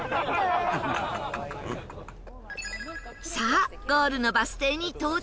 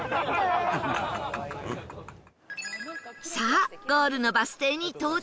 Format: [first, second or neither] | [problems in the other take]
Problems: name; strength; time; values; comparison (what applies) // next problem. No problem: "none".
second | background sound (Livestock, farm animals, working animals); 16 dB below the speech